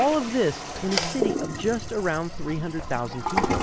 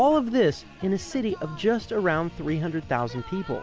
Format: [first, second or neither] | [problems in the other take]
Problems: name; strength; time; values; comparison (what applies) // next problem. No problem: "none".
second | background sound (Toilet flush); 3 dB below the speech